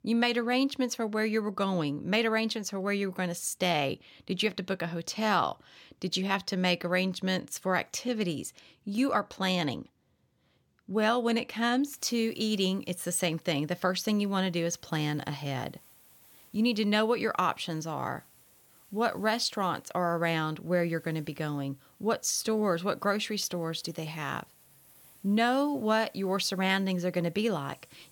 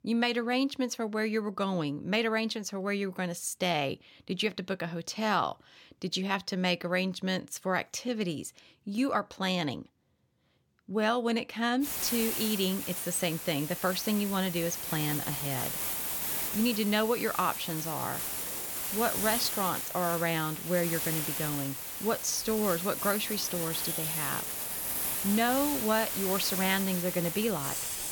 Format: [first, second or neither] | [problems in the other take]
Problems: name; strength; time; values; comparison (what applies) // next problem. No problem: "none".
first | hiss; loud; from 12 s on; 1 dB below the speech; faint in the first